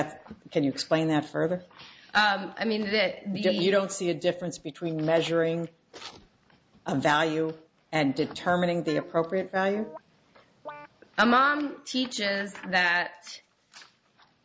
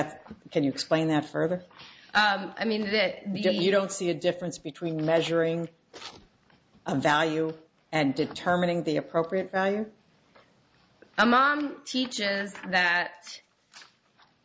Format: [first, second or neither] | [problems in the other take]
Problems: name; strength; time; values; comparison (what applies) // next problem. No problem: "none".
second | background sound (Guitar); 19 dB below the speech